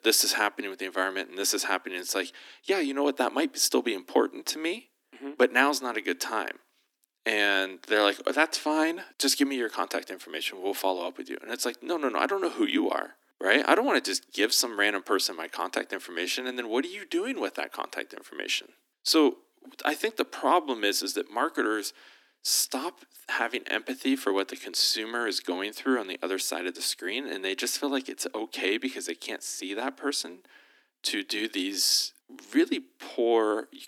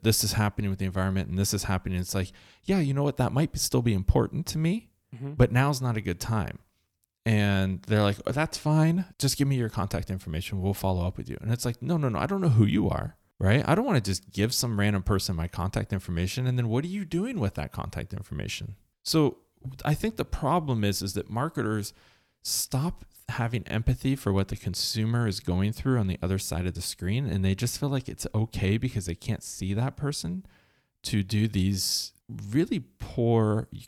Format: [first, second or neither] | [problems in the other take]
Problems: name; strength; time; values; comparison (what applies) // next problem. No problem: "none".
second | thin; somewhat; fading below 250 Hz